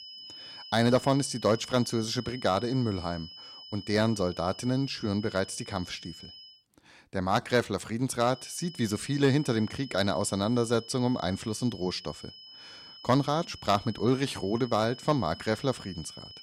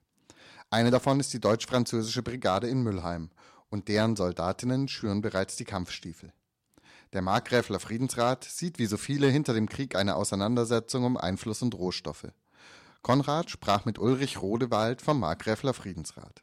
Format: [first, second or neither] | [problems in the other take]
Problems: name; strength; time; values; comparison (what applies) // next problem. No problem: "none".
second | high-pitched whine; noticeable; until 6.5 s and from 8.5 s on; 5 kHz, 15 dB below the speech